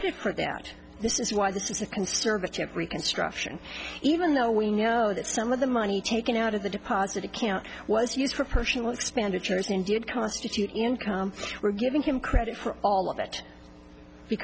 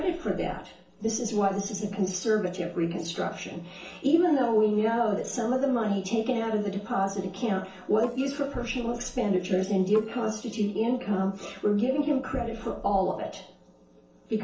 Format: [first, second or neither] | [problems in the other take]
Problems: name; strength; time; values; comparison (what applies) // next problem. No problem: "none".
first | noise reduction (neural separator model SepFormer DNS4)